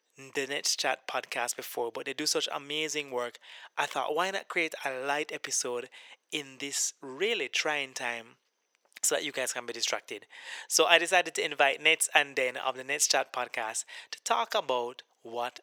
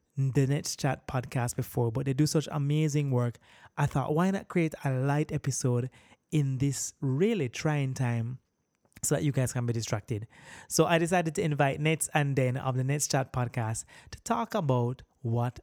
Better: second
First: thin; very; fading below 450 Hz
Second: none

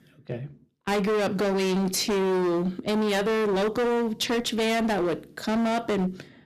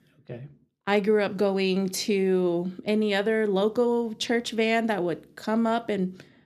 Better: second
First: distortion; heavy; 29% of the sound clipped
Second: none

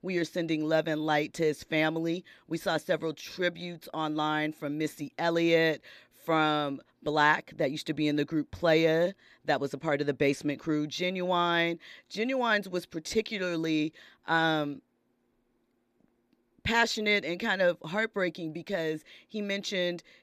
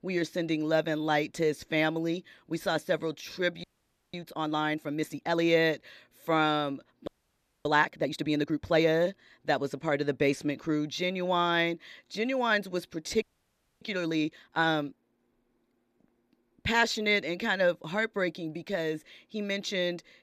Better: first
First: none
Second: audio freezing; at 3.5 s, at 7 s for 0.5 s and at 13 s for 0.5 s

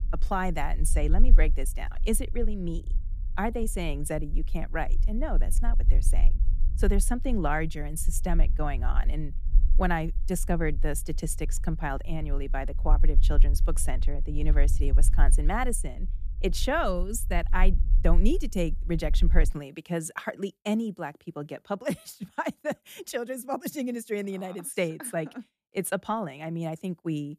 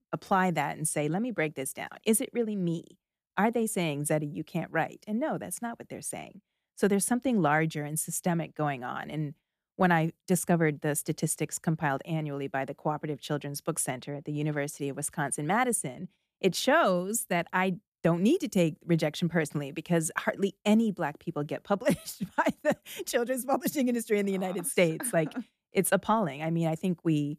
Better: second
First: low rumble; faint; until 19 s; 20 dB below the speech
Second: none

